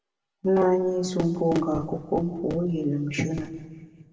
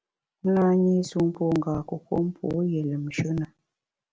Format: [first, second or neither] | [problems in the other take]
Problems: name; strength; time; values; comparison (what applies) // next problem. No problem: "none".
second | room echo; dies away in 1.2 s